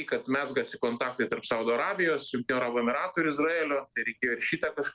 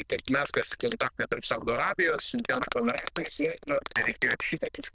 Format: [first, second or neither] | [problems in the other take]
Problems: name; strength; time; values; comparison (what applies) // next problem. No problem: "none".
first | noise reduction (neural diffusion model UNIVERSE++)